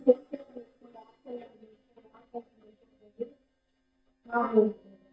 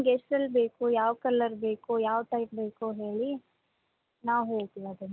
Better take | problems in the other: second | noise reduction (neural mask model DeepFilterNet 3)

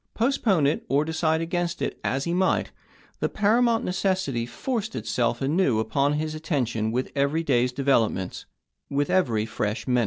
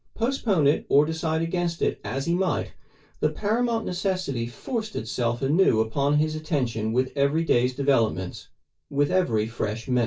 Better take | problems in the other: first | room echo; dies away in 0.2 s

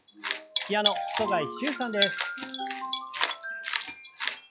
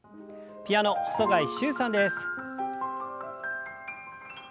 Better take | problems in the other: second | noise reduction (classical method log-MMSE)

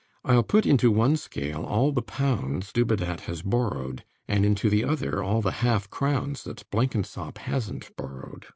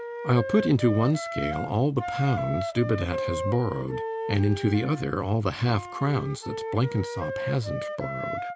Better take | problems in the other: first | background sound (Wind instrument, woodwind instrument); 7 dB below the speech

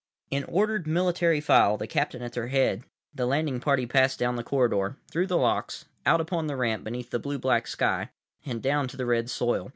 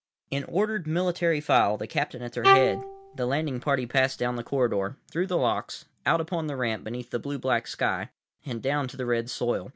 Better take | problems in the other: first | background sound (Bowed string instrument); 1 dB below the speech

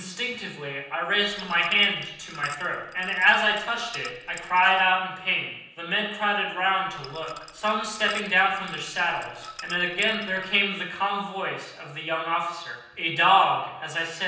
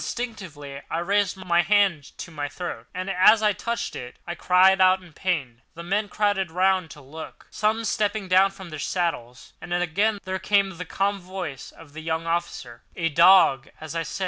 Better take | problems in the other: second | background sound (Liquid); 17 dB below the speech // room echo; dies away in 0.9 s

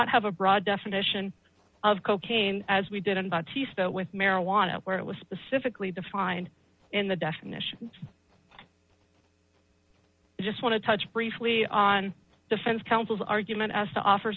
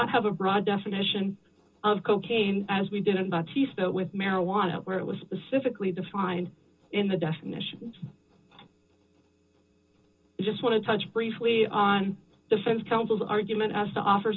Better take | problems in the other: first | room echo; dies away in 0.2 s

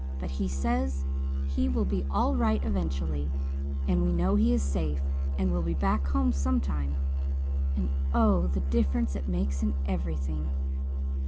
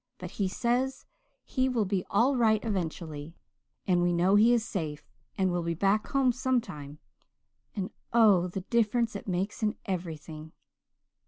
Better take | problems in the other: second | background sound (Musical instrument); 4 dB above the speech

